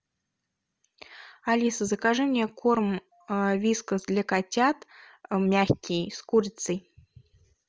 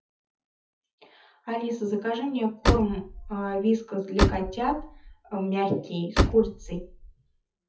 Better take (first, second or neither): first